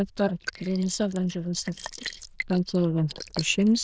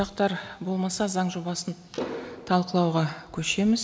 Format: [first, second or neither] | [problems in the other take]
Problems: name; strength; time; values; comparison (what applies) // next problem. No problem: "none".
second | noise reduction (neural diffusion model UNIVERSE++)